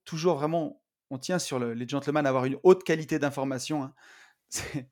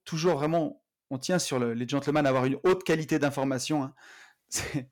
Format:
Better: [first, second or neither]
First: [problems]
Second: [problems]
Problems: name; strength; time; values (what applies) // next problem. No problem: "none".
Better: first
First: none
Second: distortion; heavy; 4% of the sound clipped